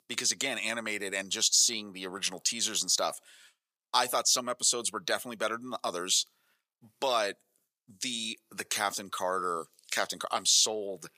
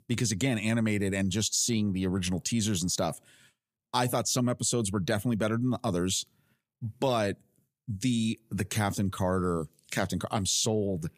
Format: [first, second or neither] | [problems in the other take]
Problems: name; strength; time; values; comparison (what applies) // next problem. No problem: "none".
second | thin; very; fading below 600 Hz